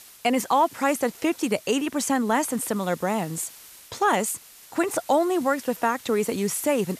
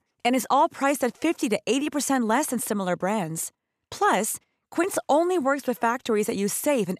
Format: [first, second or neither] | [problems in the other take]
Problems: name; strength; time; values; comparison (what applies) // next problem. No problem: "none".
second | hiss; noticeable; throughout; 20 dB below the speech